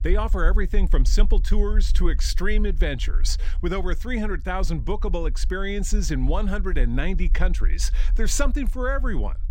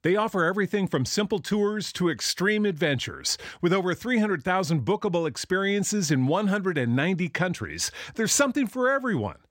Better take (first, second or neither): second